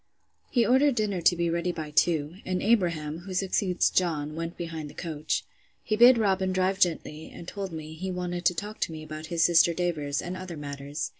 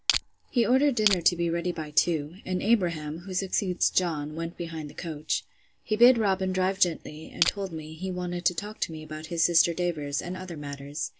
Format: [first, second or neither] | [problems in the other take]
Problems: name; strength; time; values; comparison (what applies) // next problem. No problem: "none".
first | background sound (Crushing); 1 dB below the speech